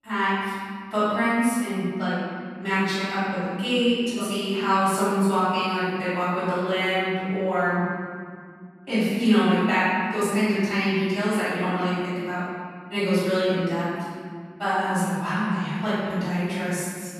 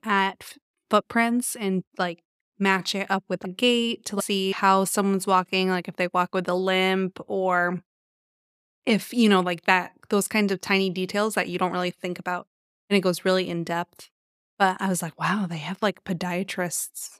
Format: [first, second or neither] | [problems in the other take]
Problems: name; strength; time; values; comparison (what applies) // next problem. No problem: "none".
second | off-mic speech; far // room echo; strong; dies away in 2.1 s